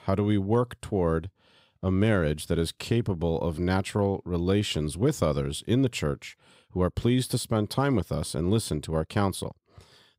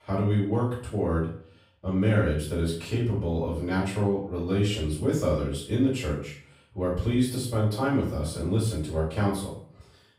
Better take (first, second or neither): first